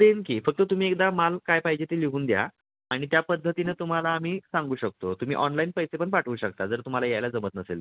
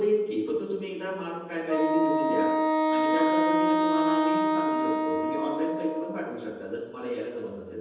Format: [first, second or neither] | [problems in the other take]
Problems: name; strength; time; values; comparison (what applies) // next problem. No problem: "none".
first | background sound (Wind instrument, woodwind instrument); 4 dB above the speech // room echo; dies away in 1.1 s